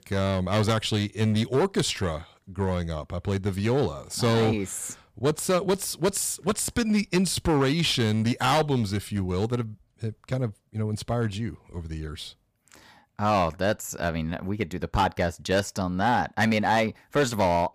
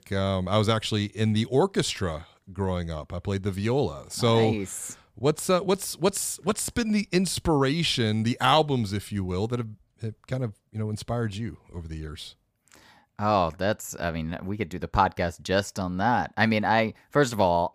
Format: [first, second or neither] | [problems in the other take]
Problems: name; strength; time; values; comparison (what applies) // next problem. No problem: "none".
second | distortion; slight; 6% of the sound clipped